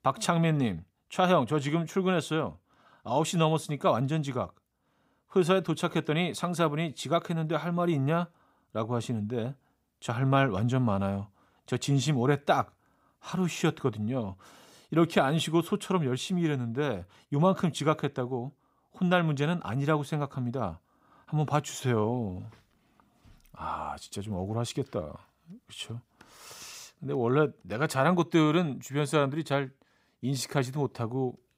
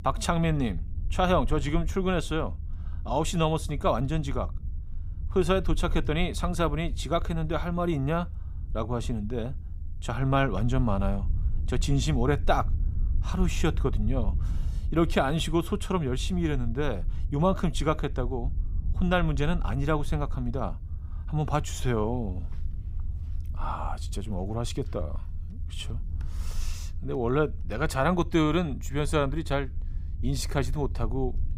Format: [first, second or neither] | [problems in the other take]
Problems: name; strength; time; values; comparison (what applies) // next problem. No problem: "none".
first | low rumble; faint; throughout; 25 dB below the speech